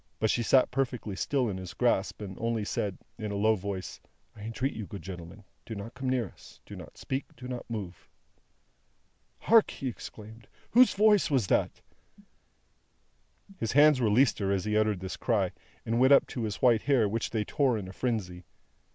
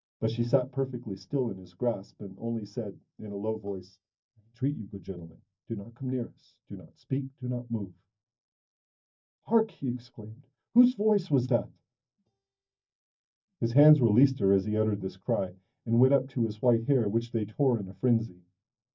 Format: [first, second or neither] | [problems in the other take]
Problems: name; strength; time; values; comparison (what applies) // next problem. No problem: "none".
first | noise reduction (neural mask model DeepFilterNet 3)